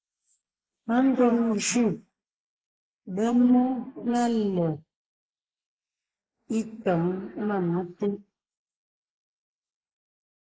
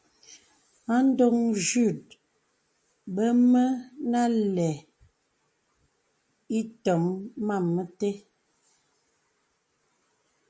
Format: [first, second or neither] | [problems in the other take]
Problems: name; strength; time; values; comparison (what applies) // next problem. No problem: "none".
second | noise reduction (neural mask model Resemble Enhance denoiser)